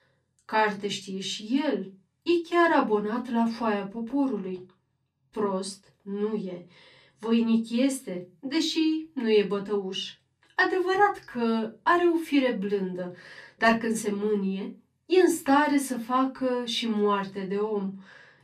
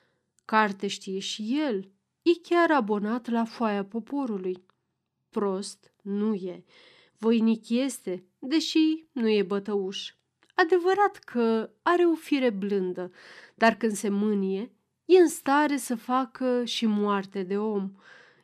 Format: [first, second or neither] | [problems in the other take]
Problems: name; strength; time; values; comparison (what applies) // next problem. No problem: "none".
second | off-mic speech; far // room echo; very slight; dies away in 0.2 s